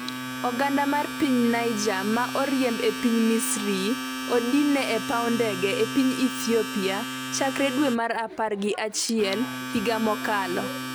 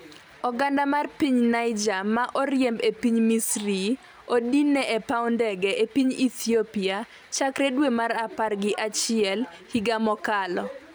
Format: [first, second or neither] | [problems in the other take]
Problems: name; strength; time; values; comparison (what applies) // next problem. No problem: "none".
second | background sound (Domestic sounds, home sounds); 7 dB below the speech